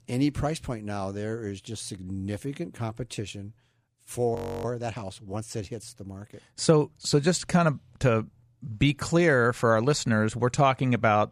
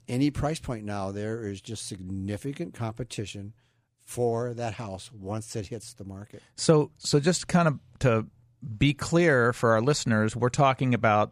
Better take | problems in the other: second | audio freezing; at 4.5 s

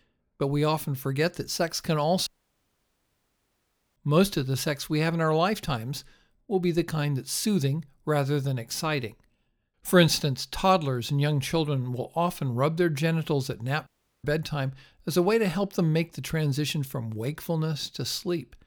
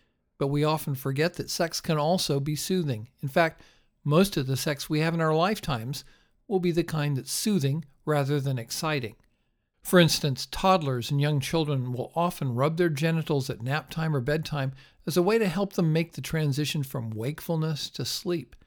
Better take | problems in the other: second | audio cutting out; at 2.5 s for 1.5 s and at 14 s

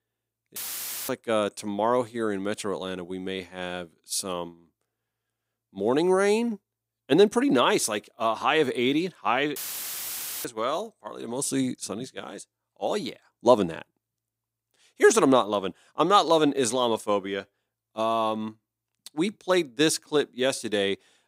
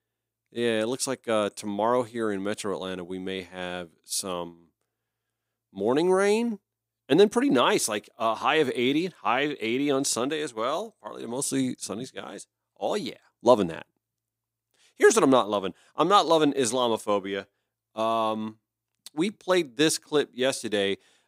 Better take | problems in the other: second | audio cutting out; filled with static; at 0.5 s for 0.5 s and at 9.5 s for 1 s

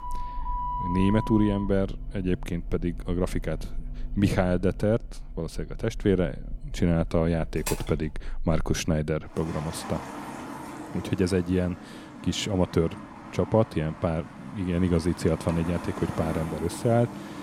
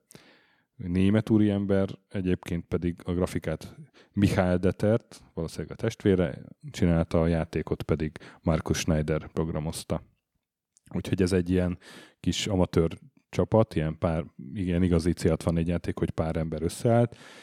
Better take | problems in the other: second | traffic noise; noticeable; throughout; 10 dB below the speech

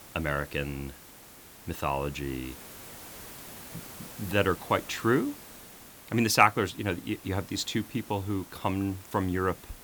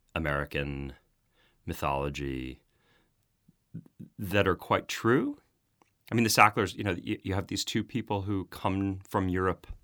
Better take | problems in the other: second | hiss; noticeable; throughout; 15 dB below the speech

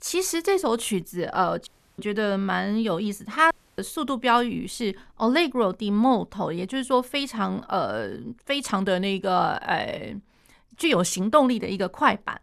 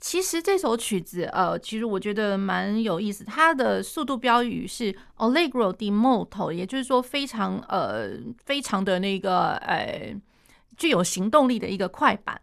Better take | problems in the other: second | audio cutting out; at 1.5 s and at 3.5 s

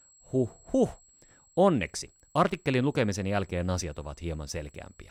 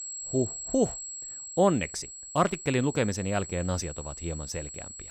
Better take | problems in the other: first | high-pitched whine; loud; throughout; 7.5 kHz, 9 dB below the speech; faint in the first

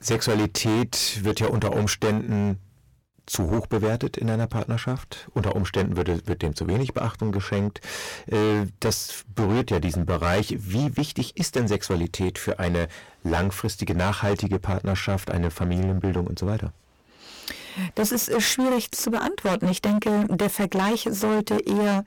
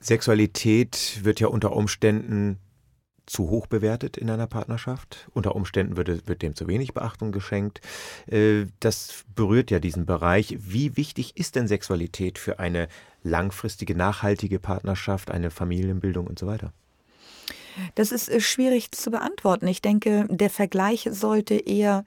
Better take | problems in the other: second | distortion; heavy; 16% of the sound clipped

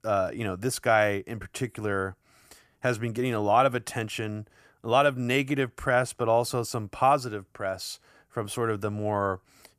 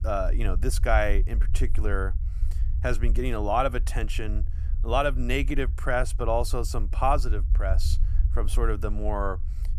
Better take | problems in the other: first | low rumble; faint; throughout; 20 dB below the speech

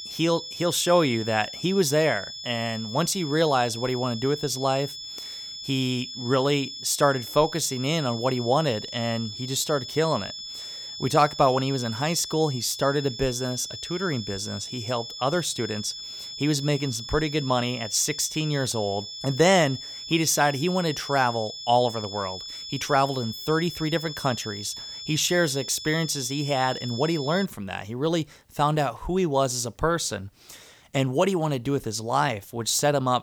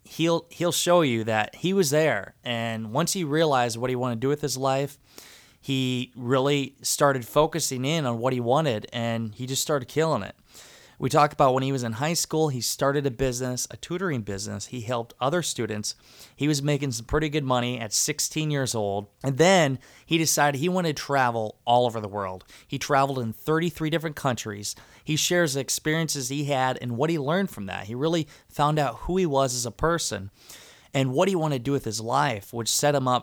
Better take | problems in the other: second | high-pitched whine; loud; until 27 s; 5 kHz, 9 dB below the speech

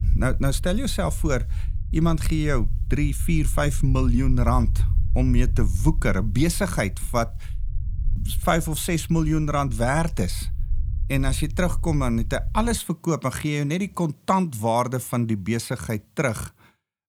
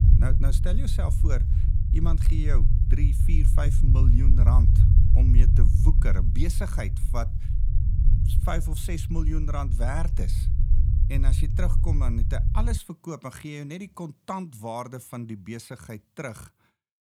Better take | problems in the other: first | low rumble; loud; until 13 s; 4 dB below the speech; faint in the first

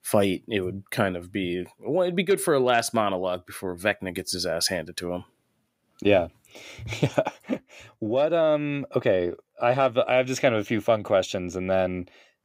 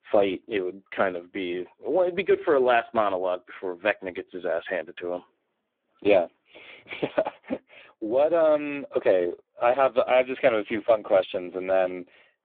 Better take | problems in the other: first | phone-call audio; poor line

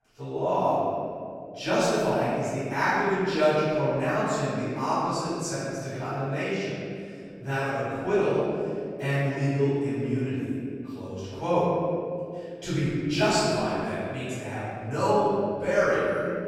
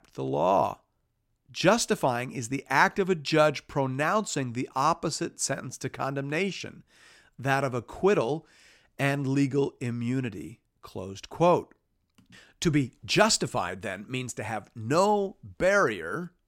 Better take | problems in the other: second | off-mic speech; far // room echo; strong; dies away in 2.4 s

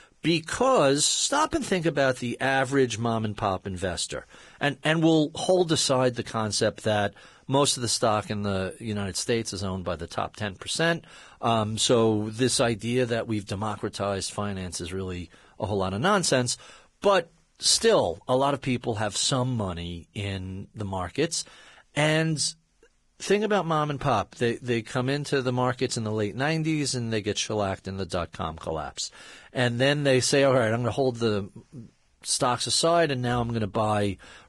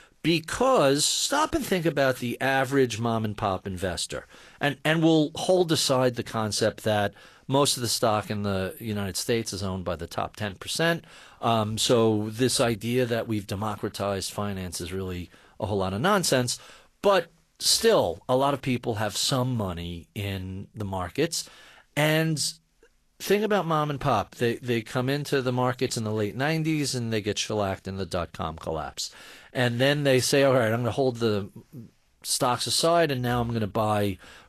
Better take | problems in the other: second | garbled, watery; badly; nothing above 10.5 kHz; slightly in the second

